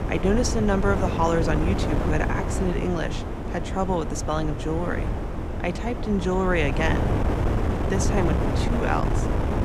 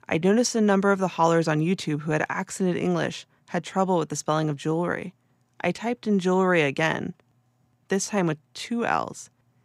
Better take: second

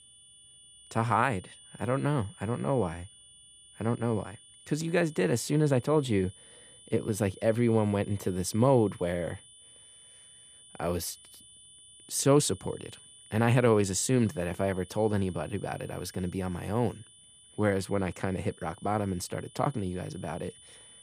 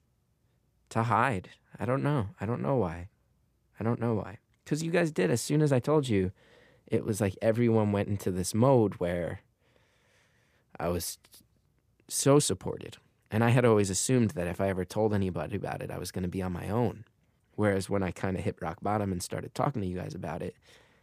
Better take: second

